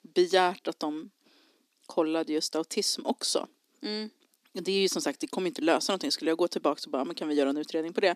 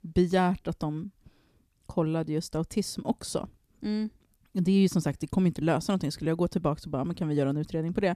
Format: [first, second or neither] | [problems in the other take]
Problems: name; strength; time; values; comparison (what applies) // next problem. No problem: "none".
second | thin; somewhat; fading below 250 Hz